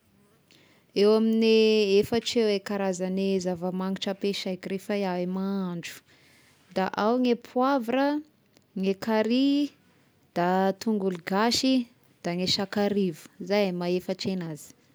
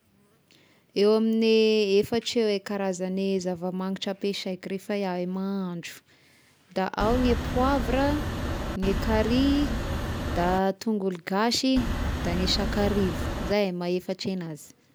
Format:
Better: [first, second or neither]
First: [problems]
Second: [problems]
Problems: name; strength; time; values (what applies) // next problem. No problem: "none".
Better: first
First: none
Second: background sound (Wind); 2 dB below the speech